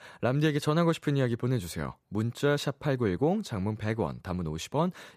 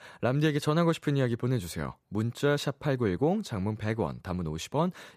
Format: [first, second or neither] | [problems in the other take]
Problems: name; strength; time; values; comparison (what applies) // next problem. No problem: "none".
neither | none